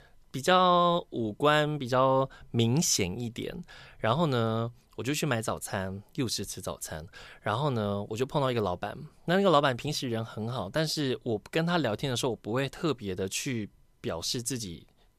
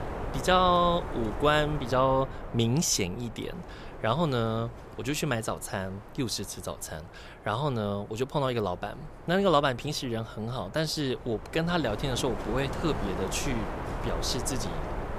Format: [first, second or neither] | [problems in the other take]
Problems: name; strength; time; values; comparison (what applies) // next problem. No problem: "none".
first | wind noise on the microphone; occasional gusts; 10 dB below the speech